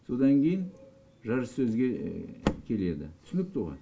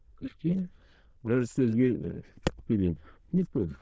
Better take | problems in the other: first | noise reduction (neural diffusion model UNIVERSE++)

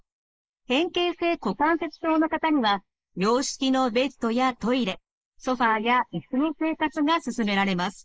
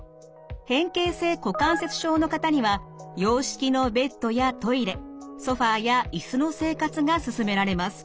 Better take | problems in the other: second | noise reduction (neural mask model Resemble Enhance denoiser)

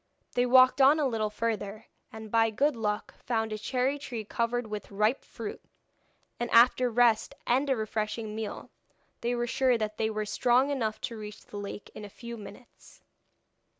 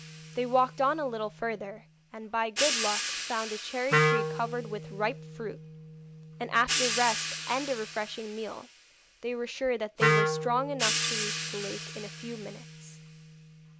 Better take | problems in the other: first | background sound (Hi-hat + Wind instrument, woodwind instrument); as loud as the speech

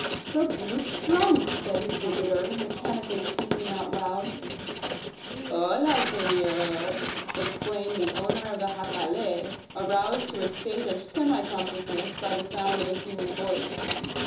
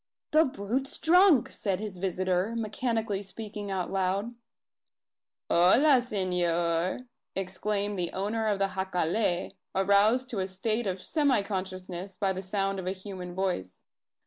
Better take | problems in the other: second | background sound (Writing); 4 dB below the speech // room echo; dies away in 0.6 s

